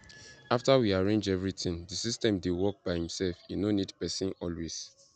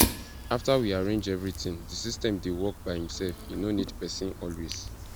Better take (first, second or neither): first